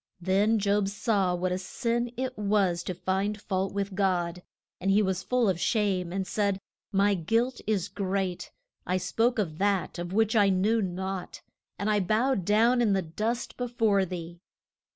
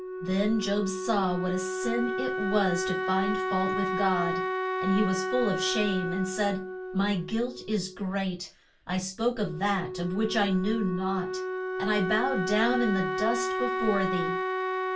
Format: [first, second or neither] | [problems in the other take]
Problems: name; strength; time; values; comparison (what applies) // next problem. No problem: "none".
first | background sound (Wind instrument, woodwind instrument); 2 dB below the speech // room echo; dies away in 0.2 s